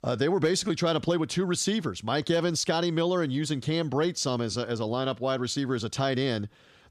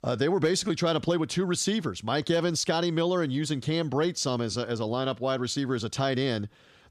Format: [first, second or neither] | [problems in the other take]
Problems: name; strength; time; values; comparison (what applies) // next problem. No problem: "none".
neither | none